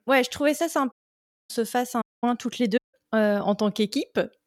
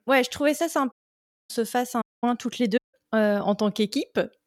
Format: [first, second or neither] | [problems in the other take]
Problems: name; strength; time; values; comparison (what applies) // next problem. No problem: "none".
neither | audio cutting out; at 1 s for 0.5 s, at 2 s and at 3 s; the same in both